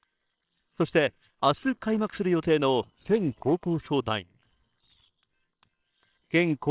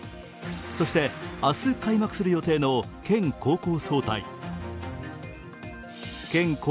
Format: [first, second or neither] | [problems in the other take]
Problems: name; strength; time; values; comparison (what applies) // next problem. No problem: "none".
second | noise reduction (neural separator model SepFormer WHAMR!)